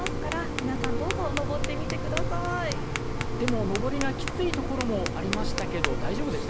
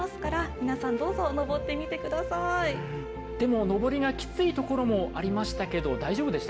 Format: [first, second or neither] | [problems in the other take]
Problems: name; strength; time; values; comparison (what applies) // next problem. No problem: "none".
second | background sound (Mechanisms + Tap); 2 dB above the speech